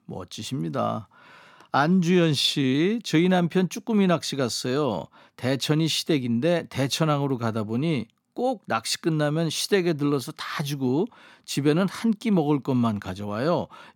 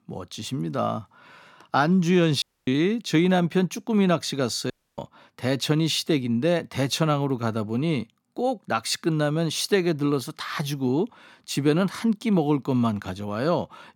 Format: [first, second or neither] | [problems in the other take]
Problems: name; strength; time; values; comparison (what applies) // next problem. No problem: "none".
first | audio cutting out; at 2.5 s and at 4.5 s